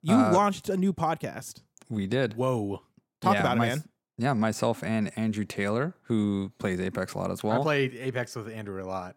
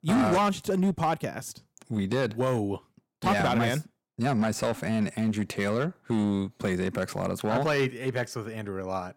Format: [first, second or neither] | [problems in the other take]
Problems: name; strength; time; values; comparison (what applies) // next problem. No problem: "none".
first | distortion; slight; 7% of the sound clipped